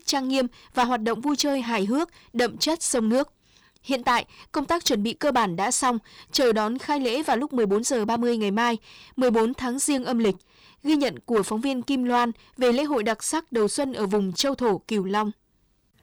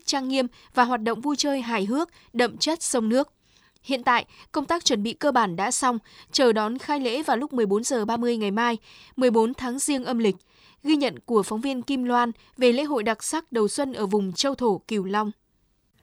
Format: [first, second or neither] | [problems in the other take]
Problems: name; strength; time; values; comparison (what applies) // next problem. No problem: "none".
second | distortion; slight; 5% of the sound clipped